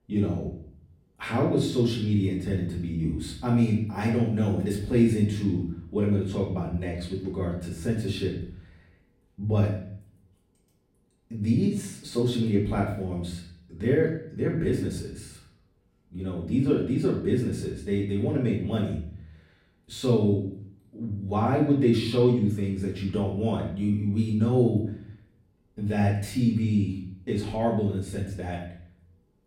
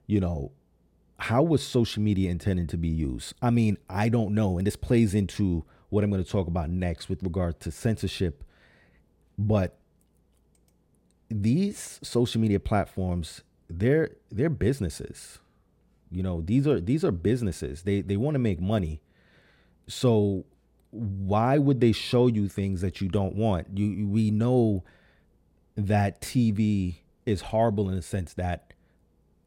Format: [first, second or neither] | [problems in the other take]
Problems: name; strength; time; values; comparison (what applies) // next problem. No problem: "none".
second | off-mic speech; far // room echo; noticeable; dies away in 0.6 s